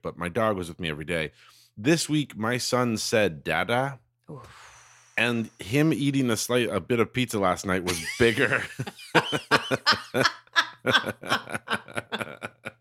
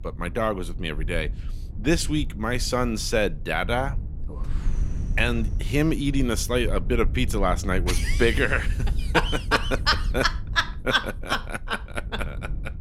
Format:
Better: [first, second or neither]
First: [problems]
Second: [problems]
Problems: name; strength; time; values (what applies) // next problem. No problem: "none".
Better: first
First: none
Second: low rumble; faint; throughout; 20 dB below the speech